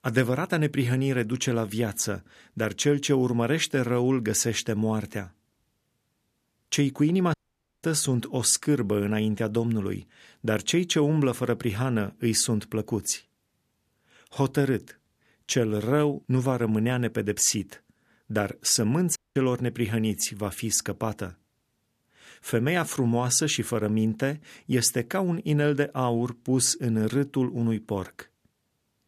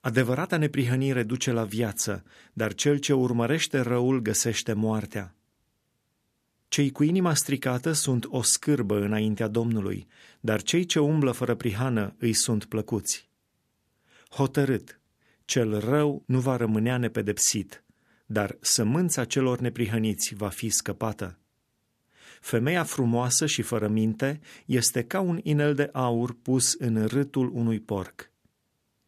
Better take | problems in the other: second | audio cutting out; at 7.5 s and at 19 s

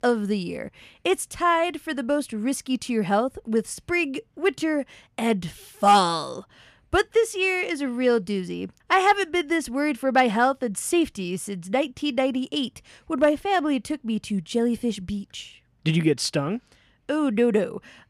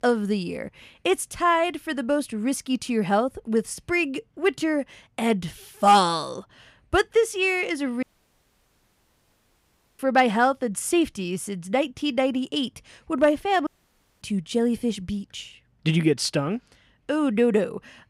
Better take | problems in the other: first | audio cutting out; at 8 s for 2 s and at 14 s for 0.5 s

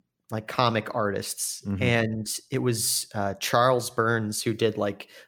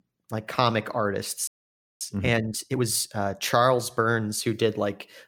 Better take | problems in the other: first | audio freezing; at 1.5 s for 0.5 s

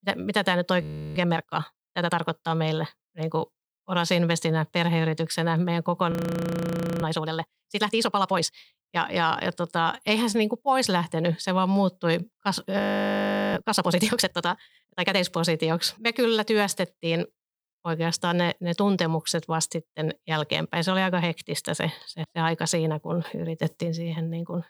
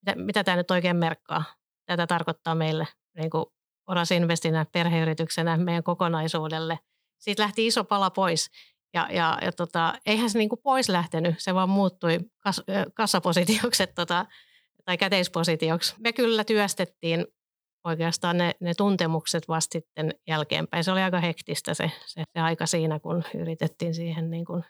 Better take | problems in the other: second | audio freezing; at 1 s, at 6 s for 1 s and at 13 s for 0.5 s

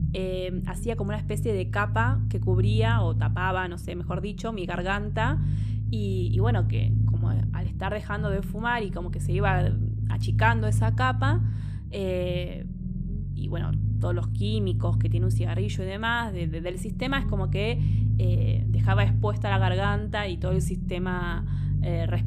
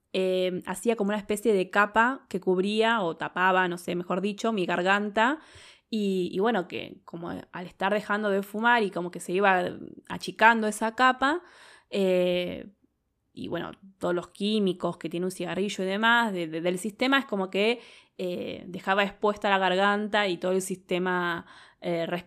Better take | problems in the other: second | low rumble; noticeable; throughout; 10 dB below the speech

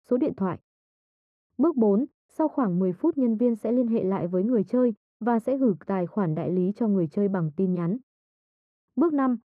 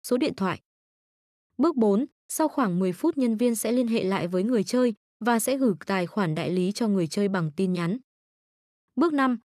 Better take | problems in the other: second | muffled; very; fading above 2 kHz

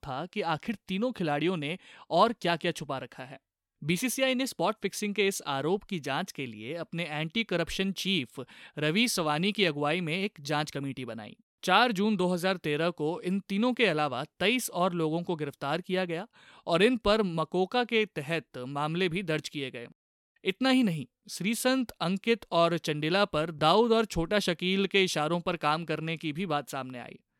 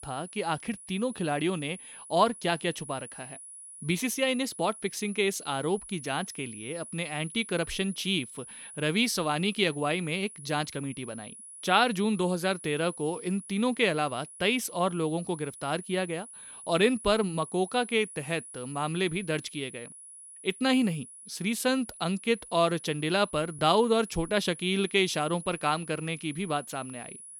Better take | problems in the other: first | high-pitched whine; noticeable; throughout; 10.5 kHz, 15 dB below the speech

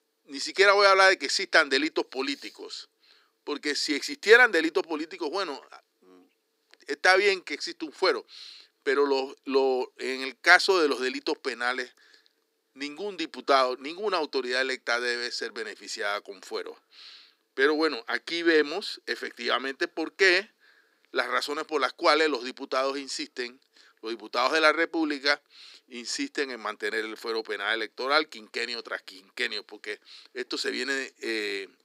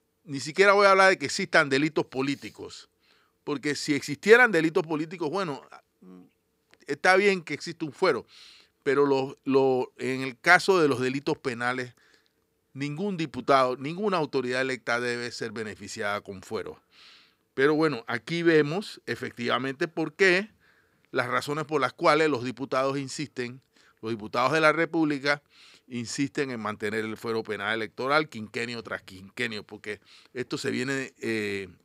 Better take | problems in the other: second | thin; very slightly; fading below 300 Hz

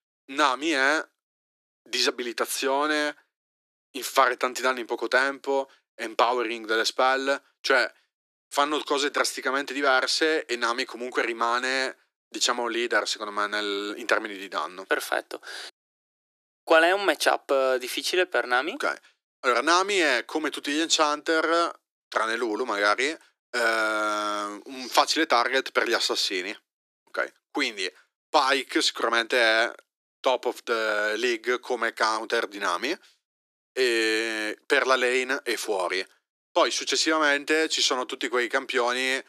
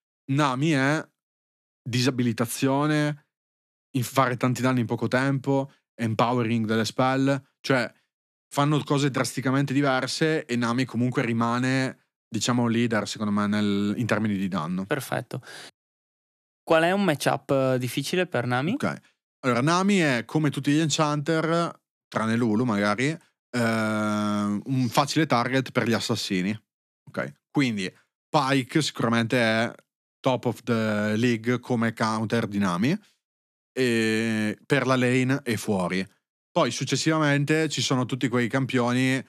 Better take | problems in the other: second | thin; very; fading below 350 Hz

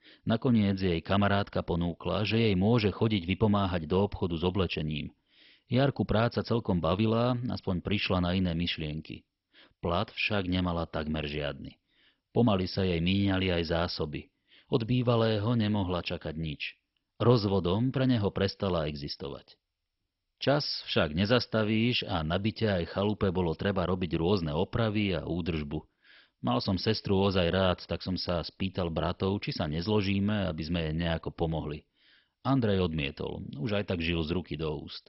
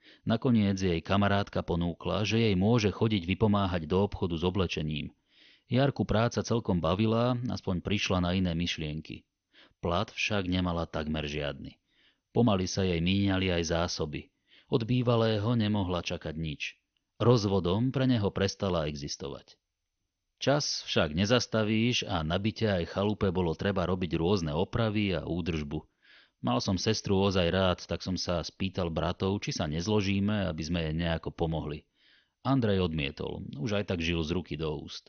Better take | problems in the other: second | garbled, watery; badly; nothing above 5.5 kHz; slightly in the second

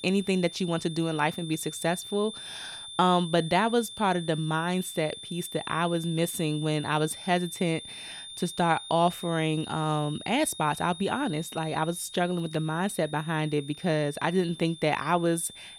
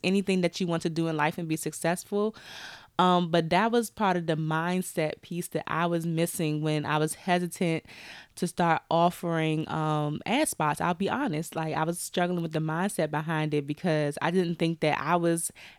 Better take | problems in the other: second | high-pitched whine; noticeable; throughout; 3.5 kHz, 10 dB below the speech

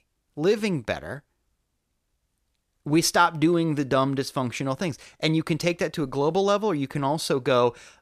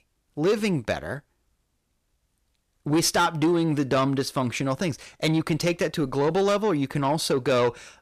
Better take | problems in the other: first | distortion; slight; 10 dB below the speech

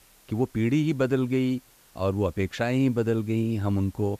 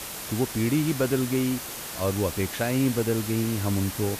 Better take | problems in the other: first | hiss; loud; throughout; 7 dB below the speech; faint in the first

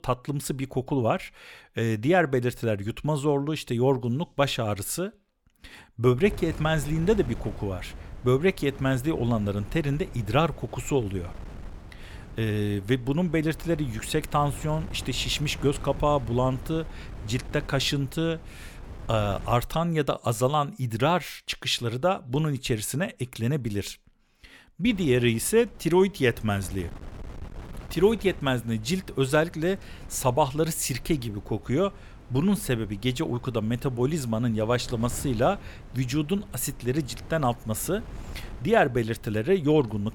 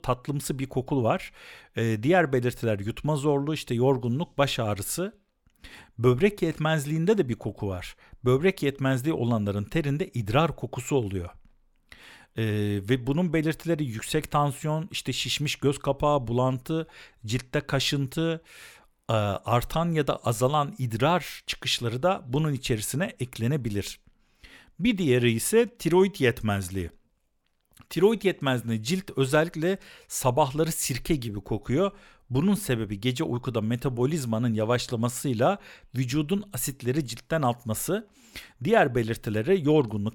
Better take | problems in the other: second | wind noise on the microphone; occasional gusts; from 6.5 to 20 s and from 25 s on; 20 dB below the speech

